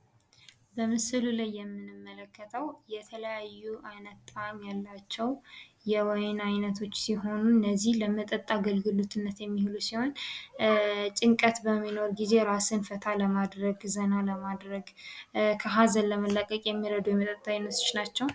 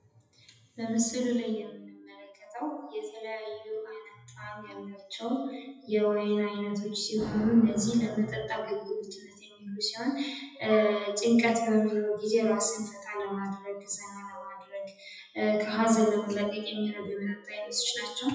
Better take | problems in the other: first | noise reduction (classical method WPE with log-MMSE)

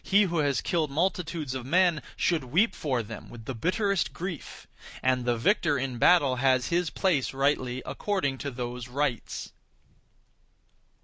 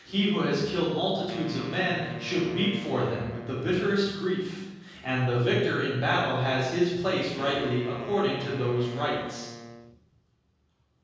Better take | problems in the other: first | background sound (Wind instrument, woodwind instrument); 15 dB below the speech // room echo; dies away in 1.3 s

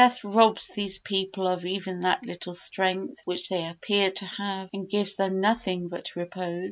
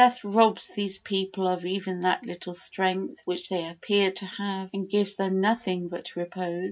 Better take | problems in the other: first | room echo; dies away in 0.3 s

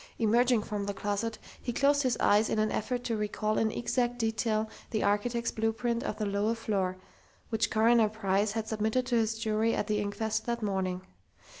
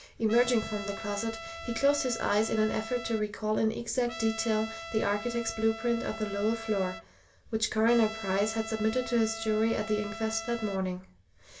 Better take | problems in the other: first | background sound (Trumpet); 12 dB below the speech // room echo; dies away in 0.2 s

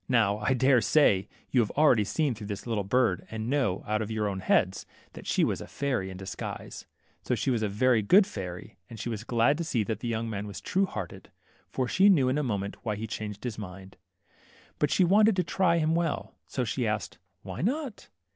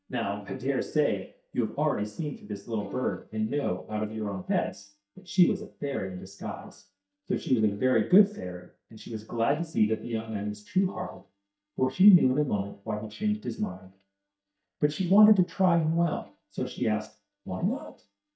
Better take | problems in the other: first | noise reduction (neural mask model DeepFilterNet 3)

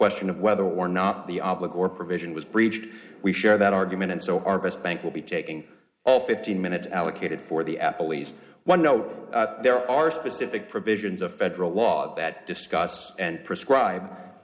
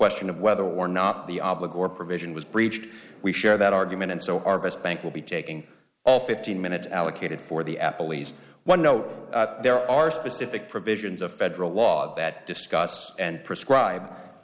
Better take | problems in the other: second | room echo; dies away in 0.3 s

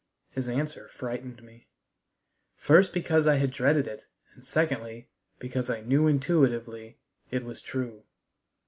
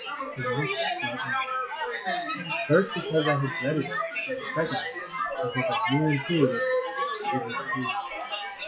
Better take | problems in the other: first | noise reduction (classical method log-MMSE)

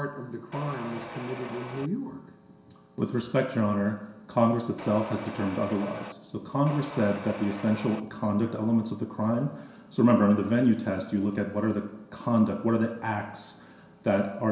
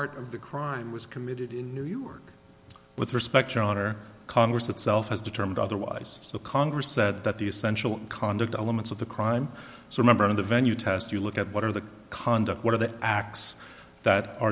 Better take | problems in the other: second | background sound (Mechanisms); 12 dB below the speech // room echo; dies away in 0.7 s

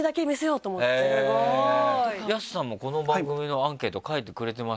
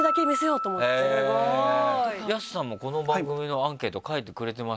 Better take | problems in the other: first | background sound (Piano); 7 dB below the speech

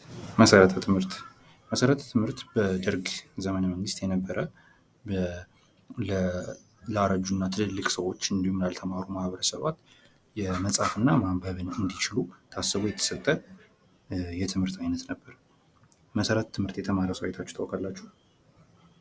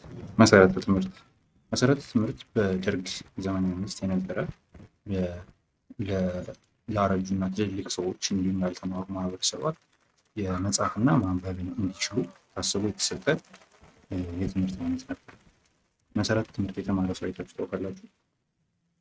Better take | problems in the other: first | noise reduction (neural mask model RNNoise)

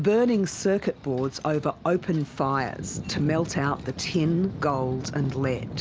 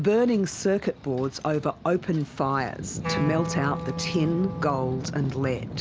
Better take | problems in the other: first | background sound (Wind instrument, woodwind instrument); 9 dB below the speech

